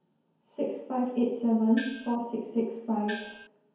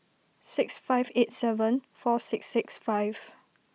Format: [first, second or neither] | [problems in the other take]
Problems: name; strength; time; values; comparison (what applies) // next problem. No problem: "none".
second | background sound (Gong); 11 dB below the speech // room echo; dies away in 0.9 s